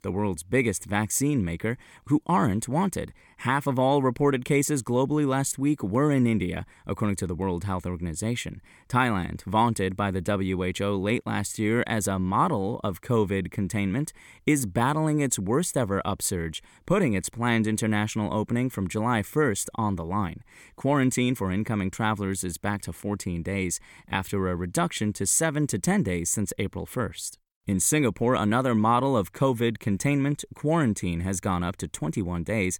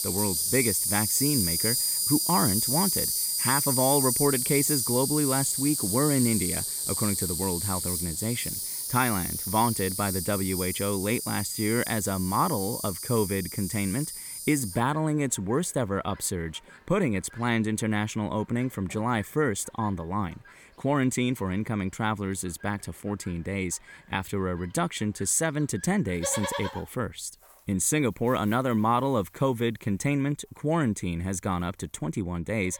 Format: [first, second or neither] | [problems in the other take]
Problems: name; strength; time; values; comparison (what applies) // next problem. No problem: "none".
first | animal sounds; very loud; throughout; 1 dB above the speech